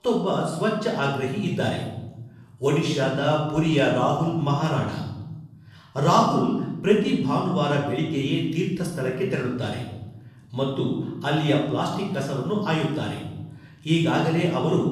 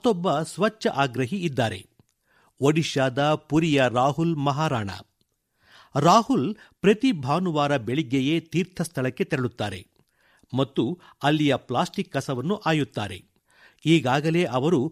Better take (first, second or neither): second